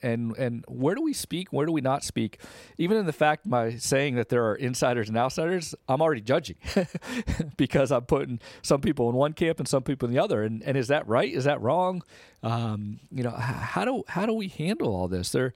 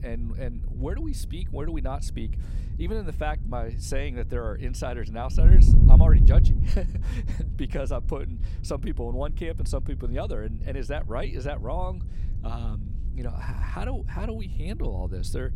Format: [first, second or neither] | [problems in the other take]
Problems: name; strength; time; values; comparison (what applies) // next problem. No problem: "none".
first | wind noise on the microphone; heavy; 8 dB below the speech